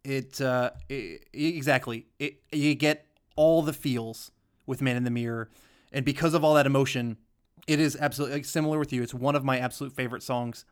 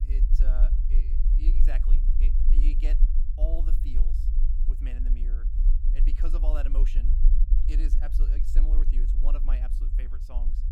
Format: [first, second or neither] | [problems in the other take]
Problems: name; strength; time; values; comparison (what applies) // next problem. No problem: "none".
first | low rumble; loud; throughout; 5 dB below the speech